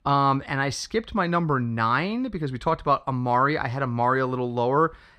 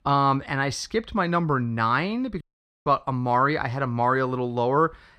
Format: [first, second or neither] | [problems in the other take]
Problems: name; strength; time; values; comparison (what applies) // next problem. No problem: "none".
first | audio cutting out; at 2.5 s